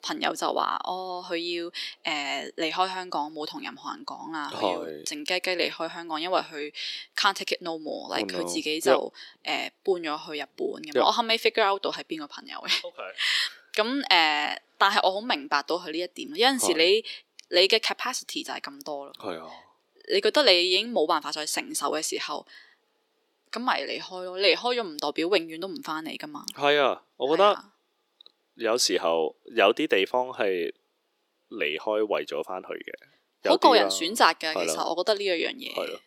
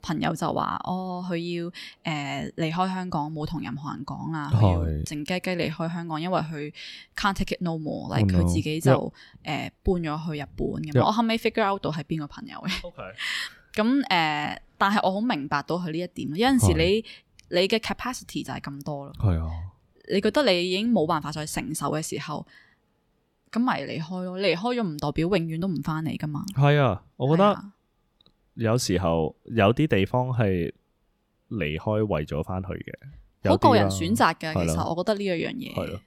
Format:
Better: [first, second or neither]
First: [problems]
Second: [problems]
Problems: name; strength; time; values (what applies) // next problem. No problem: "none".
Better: second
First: thin; somewhat; fading below 350 Hz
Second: none